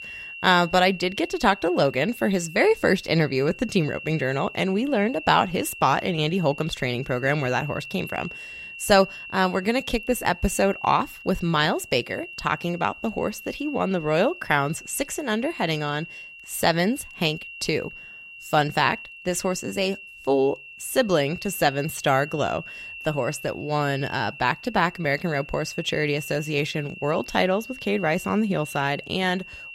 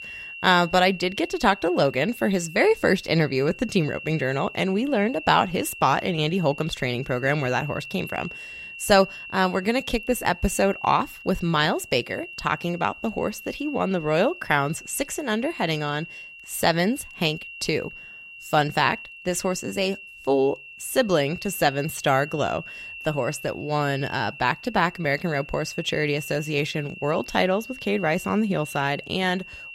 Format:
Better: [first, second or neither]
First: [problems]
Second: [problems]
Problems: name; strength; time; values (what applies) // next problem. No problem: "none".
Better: neither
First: high-pitched whine; noticeable; throughout; 2.5 kHz, 15 dB below the speech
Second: high-pitched whine; noticeable; throughout; 2.5 kHz, 15 dB below the speech